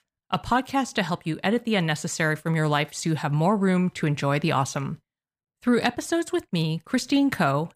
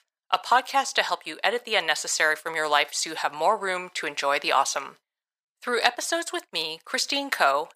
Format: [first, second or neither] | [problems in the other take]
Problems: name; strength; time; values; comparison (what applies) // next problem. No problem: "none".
first | thin; very; fading below 550 Hz